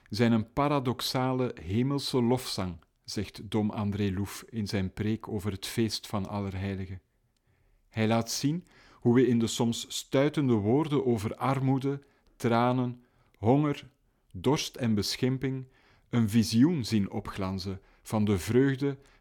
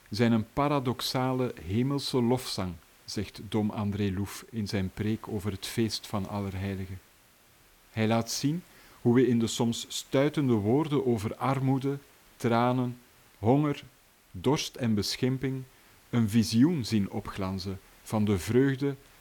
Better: first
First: none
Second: hiss; faint; throughout; 30 dB below the speech

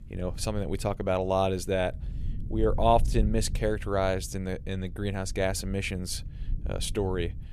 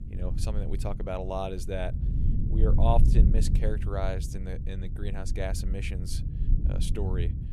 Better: first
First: low rumble; faint; throughout; 25 dB below the speech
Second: low rumble; loud; throughout; 8 dB below the speech

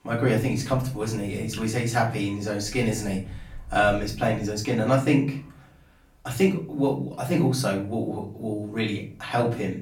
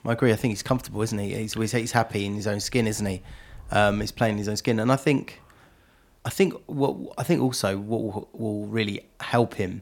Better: second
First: off-mic speech; far // room echo; slight; dies away in 0.4 s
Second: none

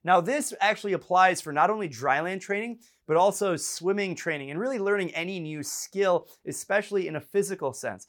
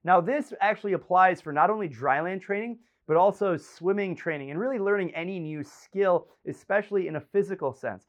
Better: first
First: none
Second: muffled; very; fading above 4 kHz

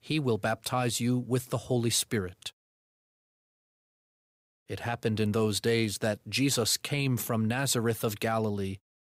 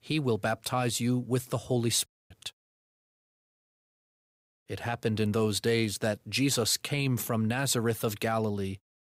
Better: first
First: none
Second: audio cutting out; at 2 s

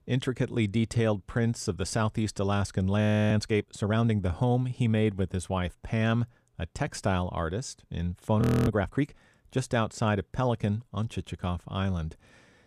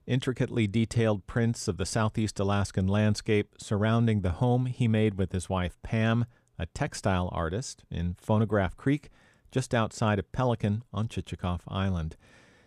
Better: second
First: audio freezing; at 3 s and at 8.5 s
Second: none

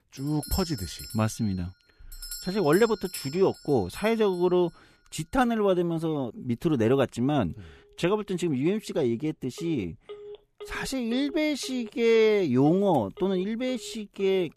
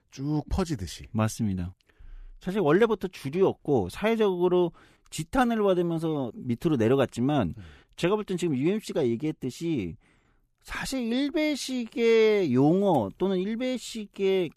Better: second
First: alarms or sirens; noticeable; throughout; 15 dB below the speech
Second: none

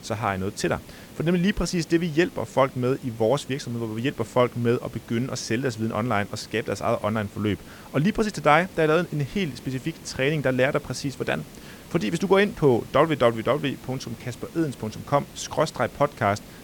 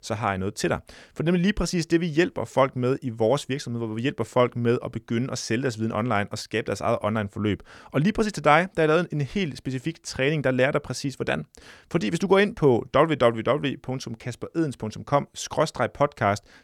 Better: second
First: hiss; noticeable; throughout; 20 dB below the speech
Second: none

